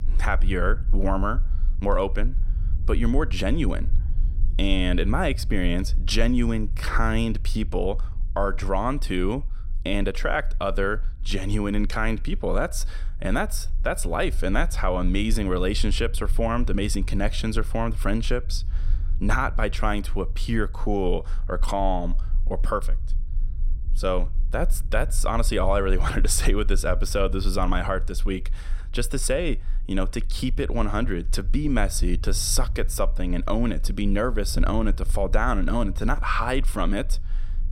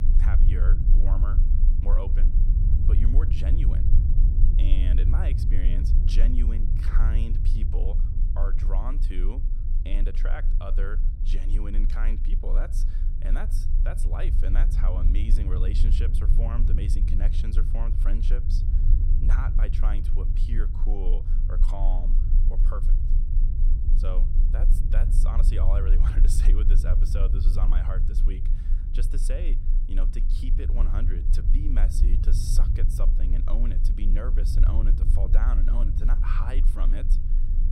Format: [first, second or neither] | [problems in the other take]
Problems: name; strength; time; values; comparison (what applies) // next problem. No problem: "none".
first | low rumble; loud; throughout; 4 dB below the speech; faint in the first